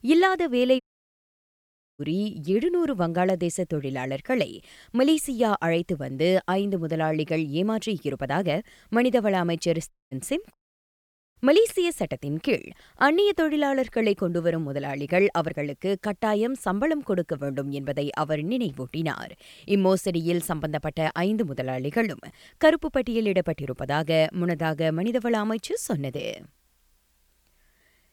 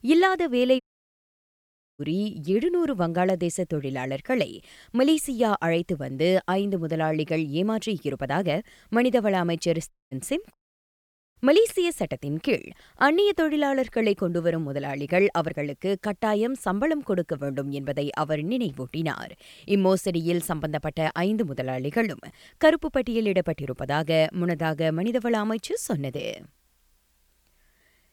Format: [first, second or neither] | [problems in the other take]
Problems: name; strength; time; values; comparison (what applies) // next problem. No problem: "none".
neither | audio cutting out; at 1 s for 1 s, at 10 s and at 11 s for 1 s; the same in both